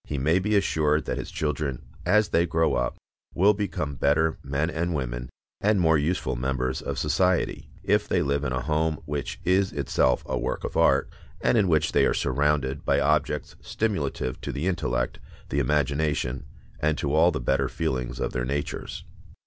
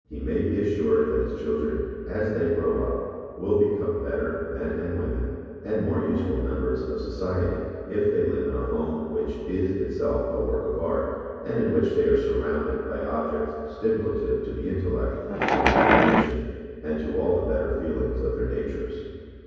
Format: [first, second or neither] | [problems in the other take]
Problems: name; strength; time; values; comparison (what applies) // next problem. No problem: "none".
first | background sound (Wild animals); 4 dB above the speech // room echo; dies away in 2.2 s